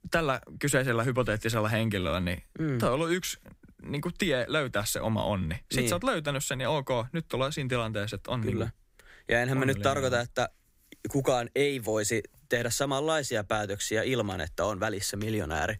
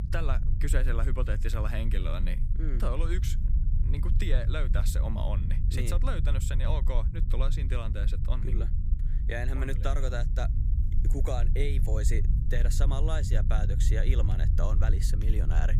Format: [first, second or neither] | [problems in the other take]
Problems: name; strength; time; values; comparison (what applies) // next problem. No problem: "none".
first | low rumble; loud; throughout; 8 dB below the speech